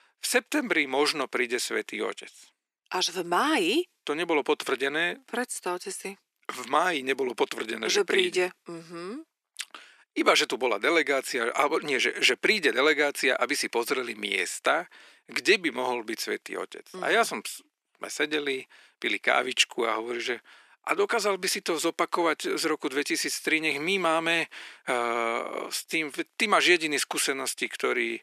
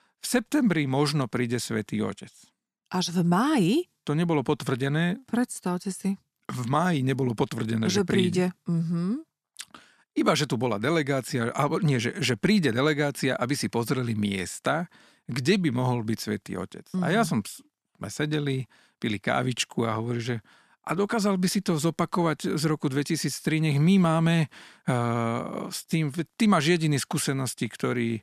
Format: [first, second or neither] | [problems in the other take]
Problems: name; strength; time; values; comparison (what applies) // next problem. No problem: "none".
second | thin; very; fading below 350 Hz